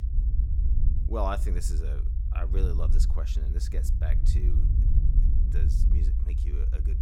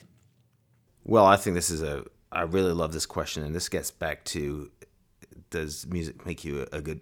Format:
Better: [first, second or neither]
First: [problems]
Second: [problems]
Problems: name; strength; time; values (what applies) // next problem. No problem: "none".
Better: second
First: low rumble; loud; throughout; 7 dB below the speech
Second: none